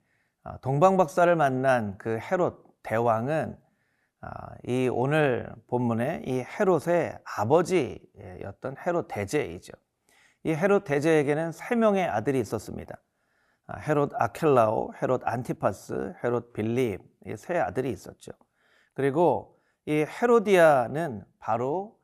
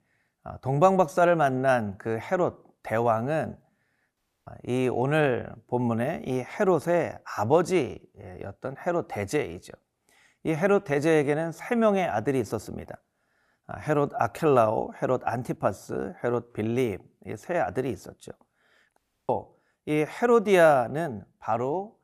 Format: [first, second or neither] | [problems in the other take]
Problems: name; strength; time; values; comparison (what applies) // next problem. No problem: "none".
first | audio cutting out; at 4 s and at 19 s